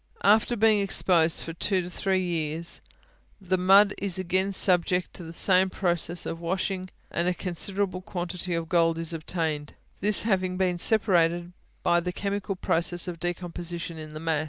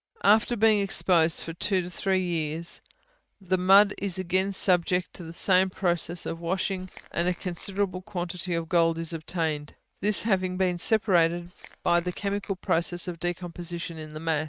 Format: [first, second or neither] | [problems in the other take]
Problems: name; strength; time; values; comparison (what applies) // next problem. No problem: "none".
first | noise reduction (neural mask model RNNoise)